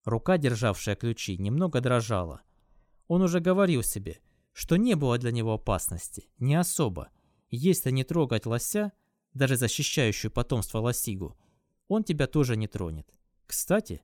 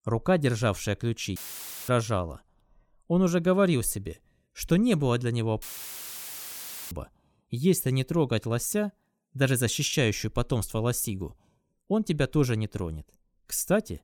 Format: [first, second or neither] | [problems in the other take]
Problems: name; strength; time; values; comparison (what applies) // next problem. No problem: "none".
first | audio cutting out; filled with static; at 1.5 s for 0.5 s and at 5.5 s for 1.5 s